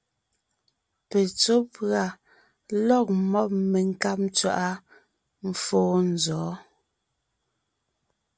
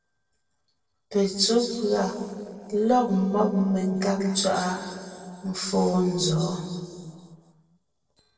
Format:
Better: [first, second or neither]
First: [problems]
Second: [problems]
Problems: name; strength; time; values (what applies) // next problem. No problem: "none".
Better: first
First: none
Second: noise reduction (neural separator model SepFormer DNS4)